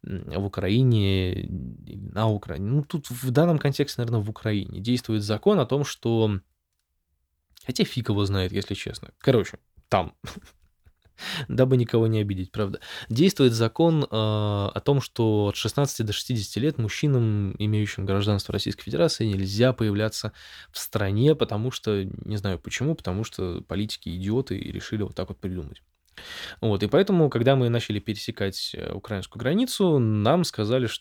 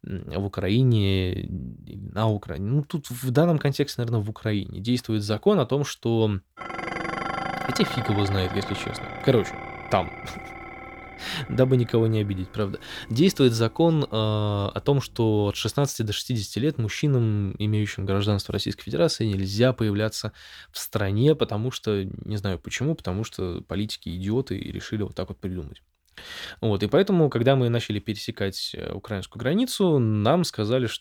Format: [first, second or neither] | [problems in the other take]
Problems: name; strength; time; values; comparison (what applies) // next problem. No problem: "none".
first | clattering dishes; noticeable; from 6.5 to 15 s; peak 4 dB below the speech